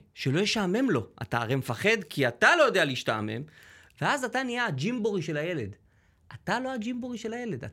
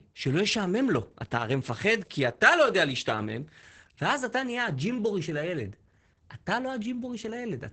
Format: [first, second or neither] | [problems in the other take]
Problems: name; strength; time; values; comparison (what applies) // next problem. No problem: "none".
first | garbled, watery; badly; nothing above 8 kHz